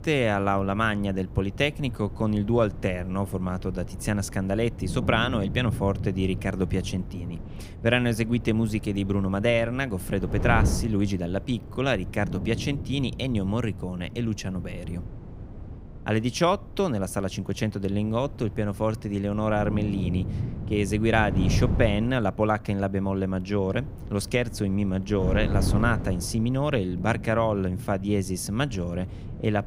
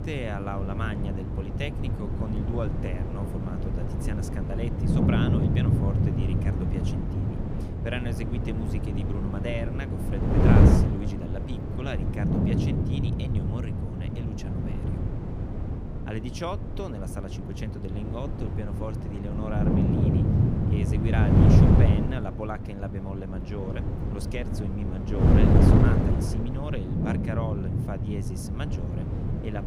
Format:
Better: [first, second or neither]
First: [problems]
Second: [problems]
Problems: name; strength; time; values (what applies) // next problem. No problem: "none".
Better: first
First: wind noise on the microphone; occasional gusts; 15 dB below the speech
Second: wind noise on the microphone; heavy; 3 dB above the speech